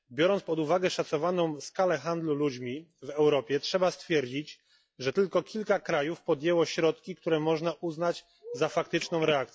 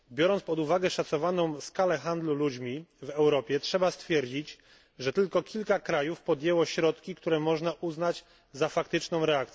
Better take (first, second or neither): second